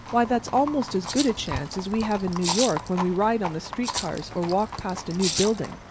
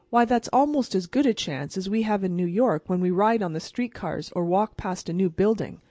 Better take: second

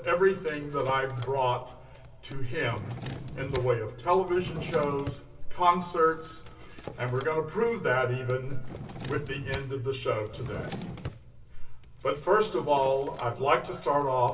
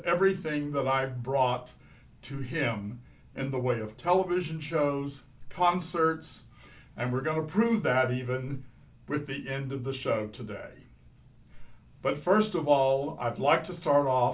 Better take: second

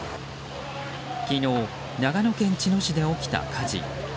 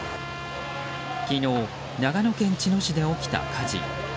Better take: first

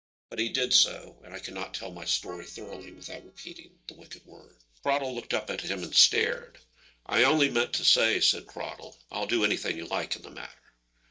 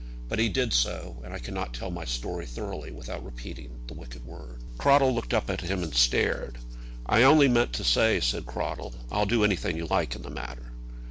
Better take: second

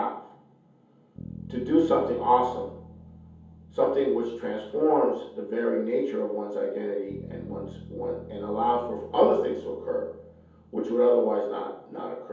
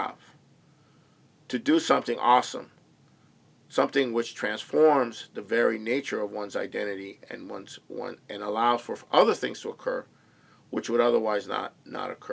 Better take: second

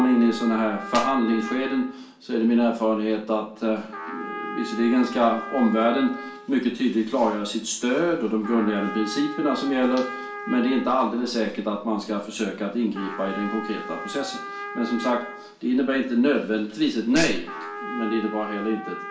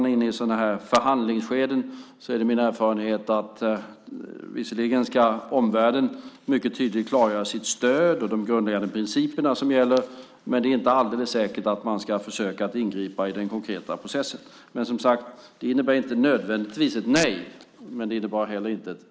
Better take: second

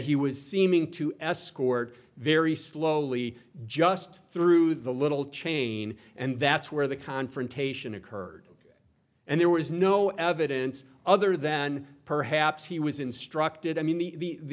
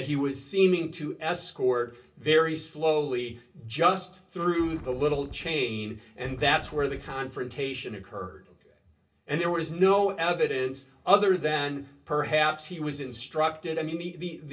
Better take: first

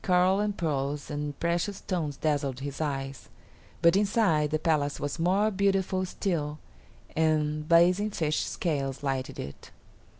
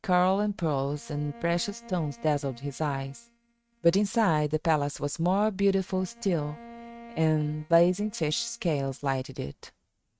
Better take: first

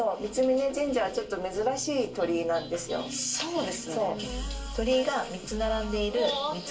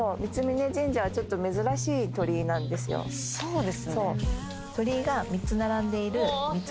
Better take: second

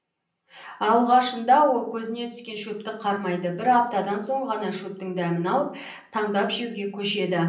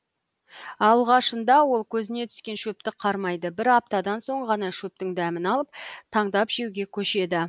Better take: second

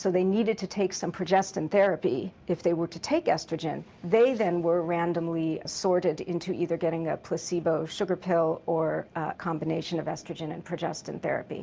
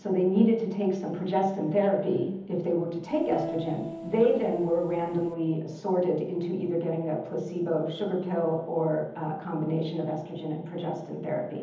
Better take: first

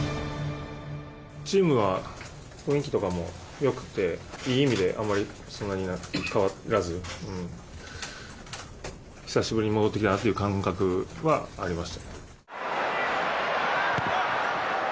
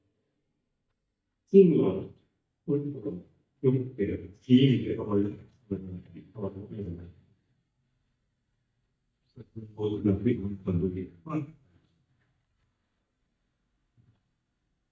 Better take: first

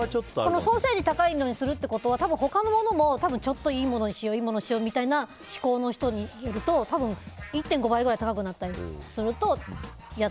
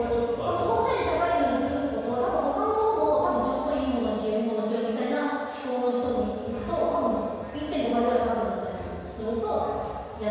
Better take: first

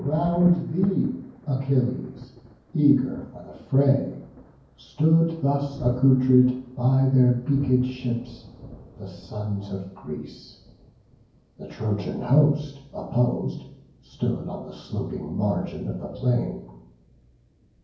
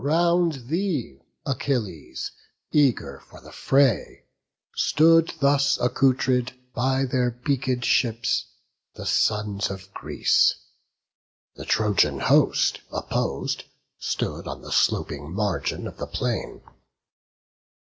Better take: second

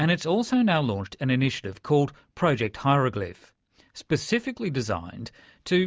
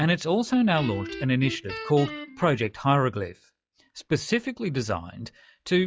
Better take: first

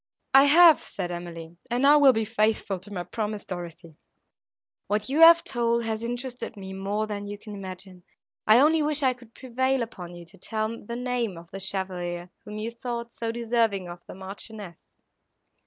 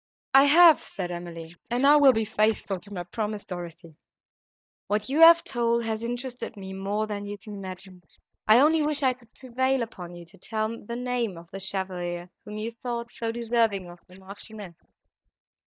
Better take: first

